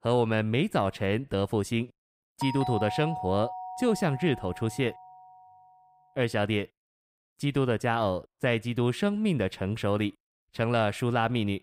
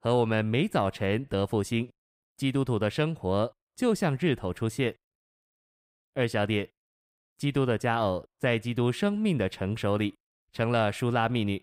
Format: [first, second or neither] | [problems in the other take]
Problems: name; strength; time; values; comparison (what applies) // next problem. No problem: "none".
second | doorbell; noticeable; from 2.5 to 5 s; peak 5 dB below the speech